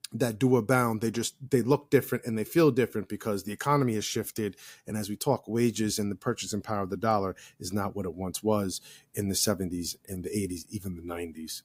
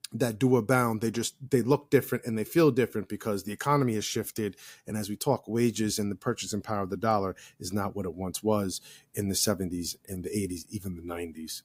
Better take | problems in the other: neither | none

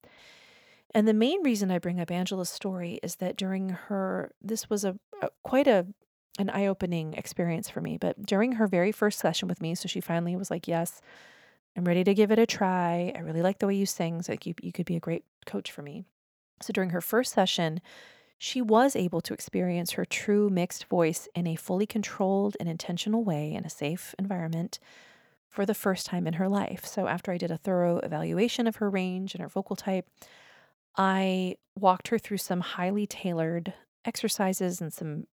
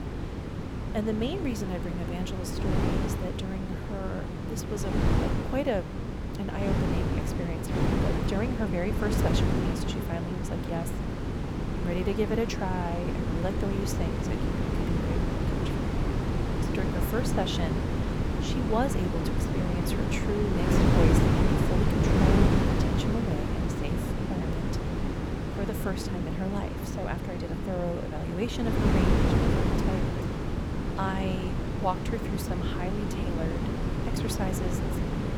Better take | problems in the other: first | wind noise on the microphone; heavy; 2 dB above the speech

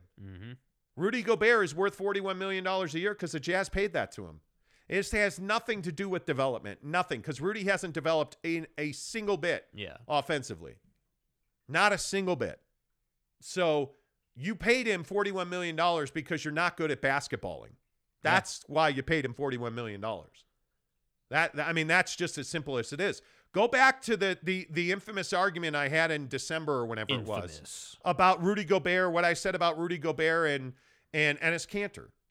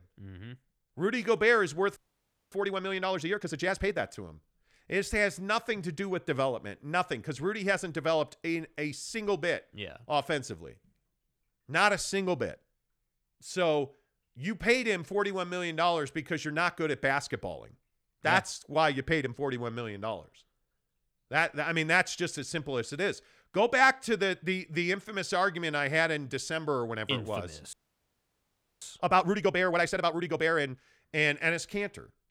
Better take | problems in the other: first | audio freezing; at 2 s for 0.5 s and at 28 s for 1 s

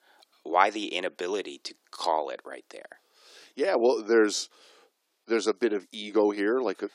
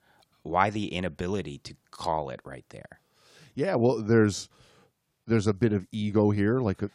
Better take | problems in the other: second | thin; somewhat; fading below 300 Hz

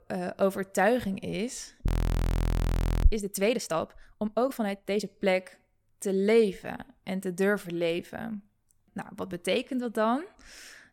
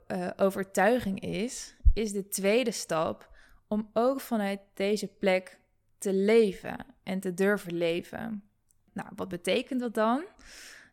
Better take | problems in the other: second | audio freezing; at 2 s for 1 s

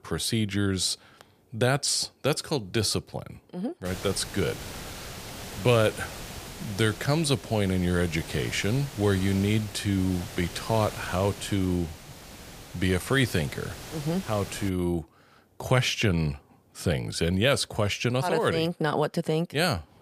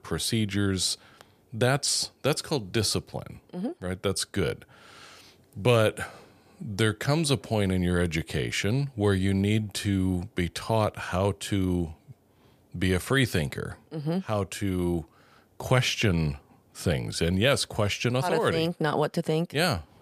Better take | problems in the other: second | hiss; noticeable; from 4 to 15 s; 15 dB below the speech

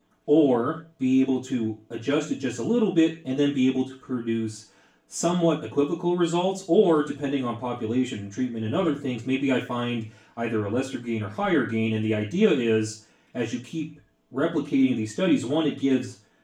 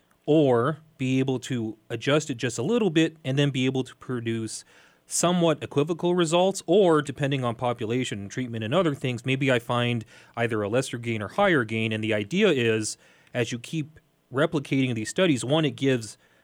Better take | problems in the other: second | room echo; slight; dies away in 0.3 s // off-mic speech; far

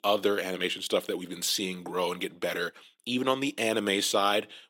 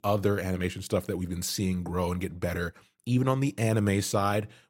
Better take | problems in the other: second | thin; somewhat; fading below 300 Hz

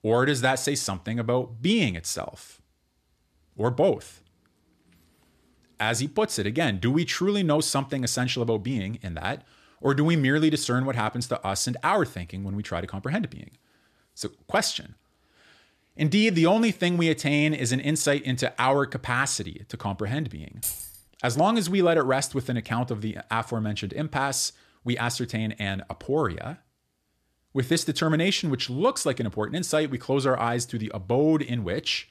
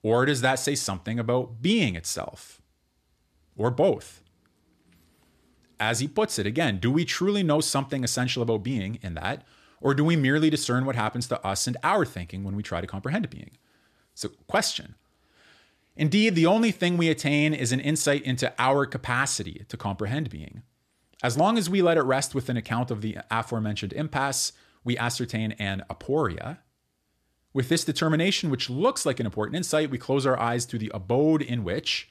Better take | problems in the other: second | jangling keys; noticeable; at 21 s; peak 5 dB below the speech

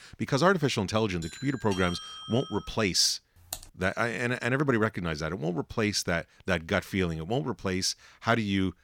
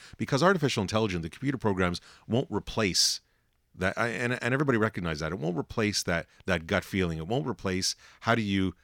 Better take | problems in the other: second | doorbell; faint; from 1 to 2.5 s; peak 10 dB below the speech // keyboard typing; faint; at 3.5 s; peak 10 dB below the speech

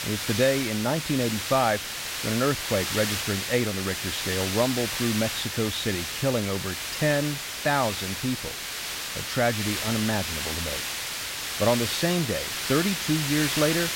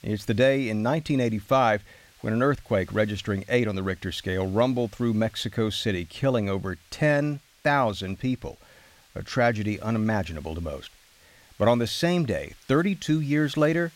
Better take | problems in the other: second | hiss; loud; throughout; 2 dB below the speech; faint in the second

